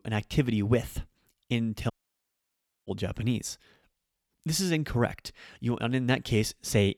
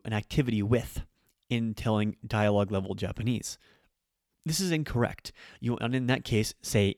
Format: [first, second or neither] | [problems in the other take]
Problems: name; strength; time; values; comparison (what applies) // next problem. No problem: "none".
second | audio cutting out; at 2 s for 1 s